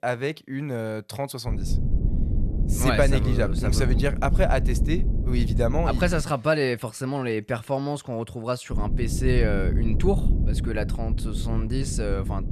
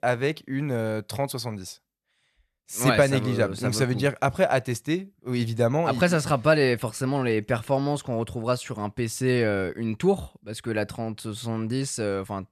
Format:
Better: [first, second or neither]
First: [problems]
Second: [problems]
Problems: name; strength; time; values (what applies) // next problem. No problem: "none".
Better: second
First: low rumble; noticeable; from 1.5 to 6 s and from 8.5 s on; 10 dB below the speech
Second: none